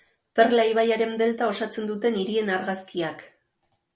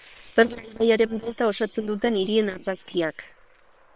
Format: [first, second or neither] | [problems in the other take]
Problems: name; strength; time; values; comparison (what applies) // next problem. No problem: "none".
first | noise reduction (neural separator model SepFormer WHAM!)